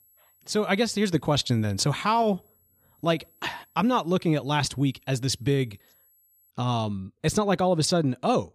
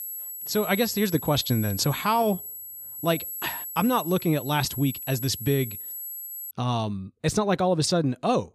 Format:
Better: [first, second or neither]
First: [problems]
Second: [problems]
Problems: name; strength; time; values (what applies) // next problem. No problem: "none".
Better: first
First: high-pitched whine; faint; until 6.5 s; 11.5 kHz, 35 dB below the speech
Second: high-pitched whine; loud; until 6.5 s; 11.5 kHz, 8 dB below the speech